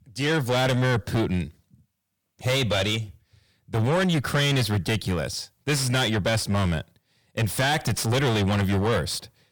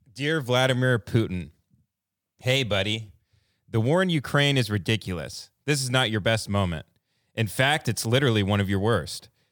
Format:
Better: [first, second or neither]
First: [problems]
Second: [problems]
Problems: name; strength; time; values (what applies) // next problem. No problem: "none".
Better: second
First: distortion; heavy; 5 dB below the speech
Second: none